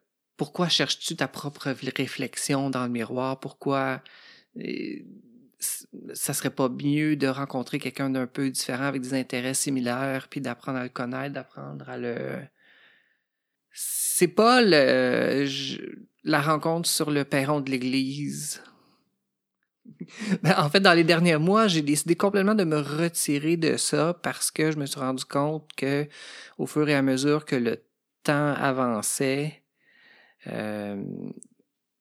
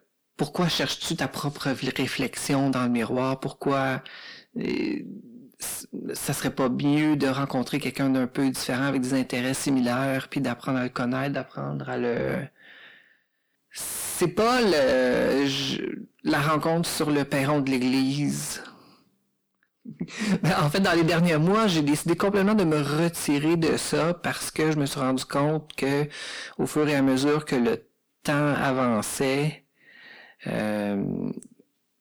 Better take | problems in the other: first | distortion; heavy; 6 dB below the speech

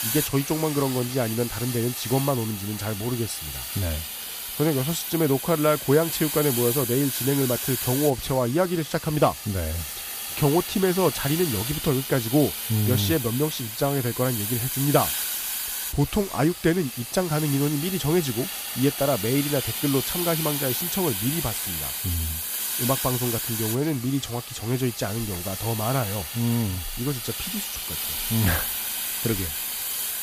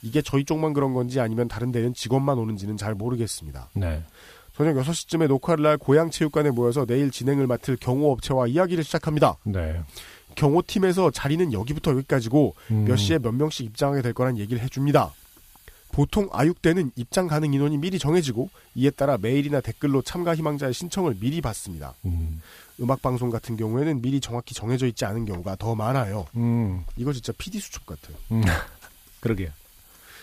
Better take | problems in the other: second | hiss; loud; throughout; 3 dB below the speech; faint in the second

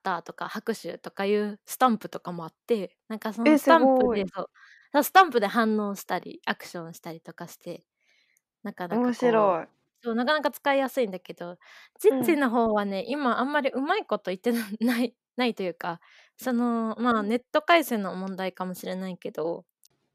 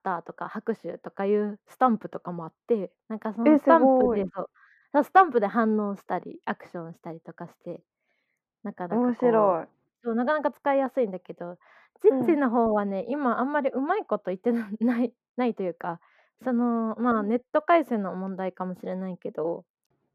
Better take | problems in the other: first | muffled; very; fading above 2.5 kHz

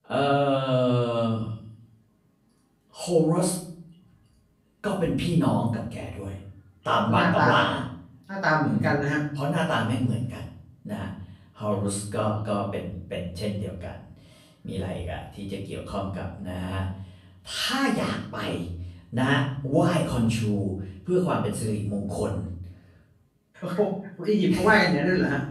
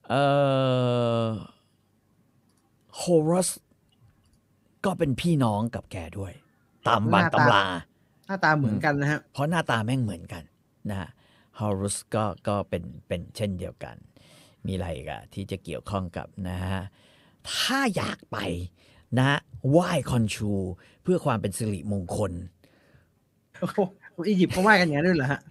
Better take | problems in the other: second | off-mic speech; far // room echo; noticeable; dies away in 0.6 s

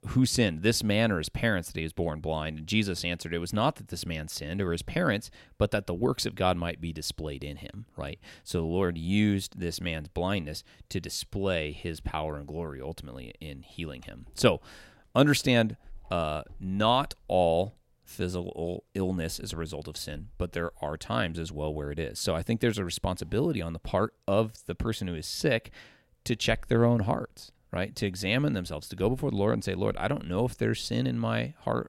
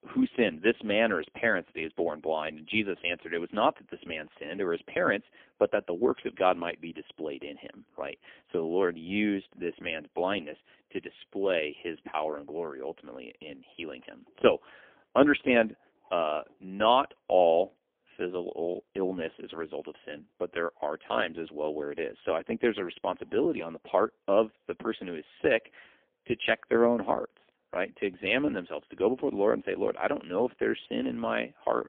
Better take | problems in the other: first | phone-call audio; poor line; nothing above 3.5 kHz

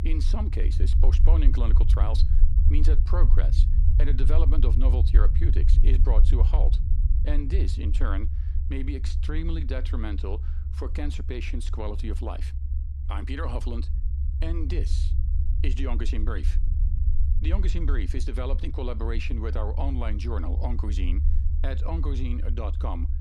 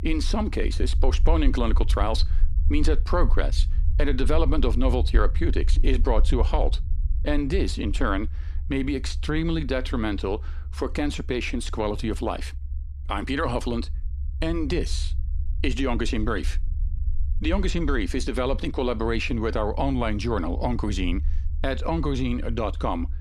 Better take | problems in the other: second | low rumble; loud; throughout; 8 dB below the speech; faint in the second

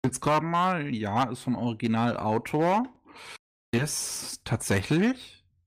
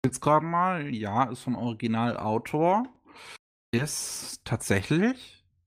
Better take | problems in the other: second | distortion; slight; 4% of the sound clipped

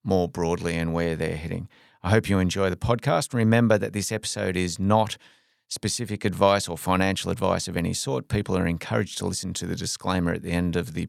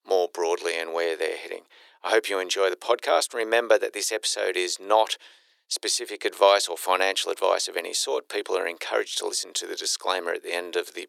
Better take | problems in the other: first | thin; very; fading below 350 Hz

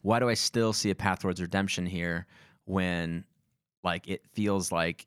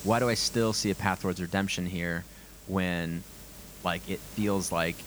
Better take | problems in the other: first | hiss; noticeable; throughout; 15 dB below the speech

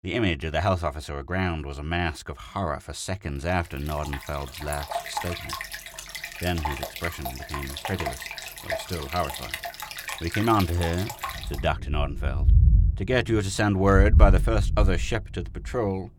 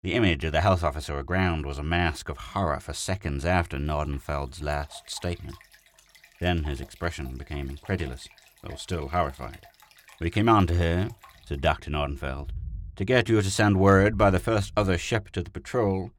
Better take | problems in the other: second | rain or running water; loud; from 4 s on; 1 dB below the speech; faint in the second

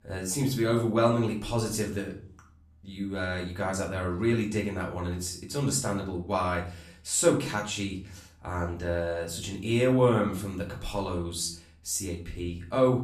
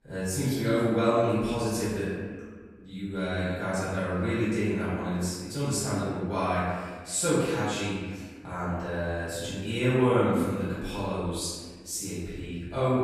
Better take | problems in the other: first | room echo; strong; dies away in 1.5 s; slight in the first // off-mic speech; far; far in the first

